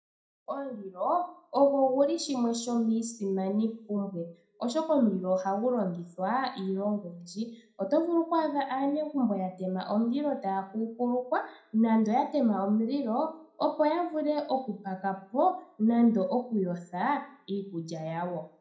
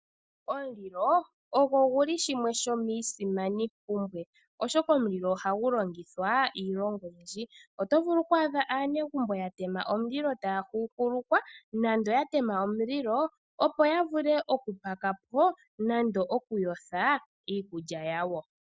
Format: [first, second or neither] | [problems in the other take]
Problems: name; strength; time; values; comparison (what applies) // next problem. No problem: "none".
second | room echo; dies away in 0.4 s